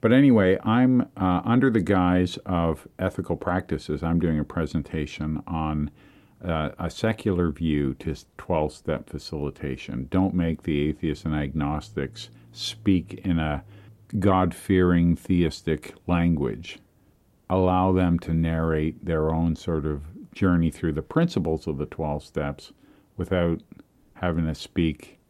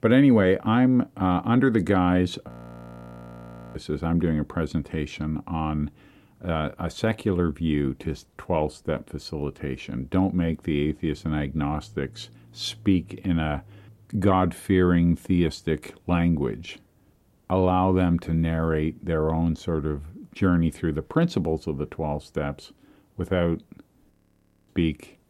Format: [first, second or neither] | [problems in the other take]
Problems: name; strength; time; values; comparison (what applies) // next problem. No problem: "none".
first | audio freezing; at 2.5 s for 1.5 s and at 24 s for 0.5 s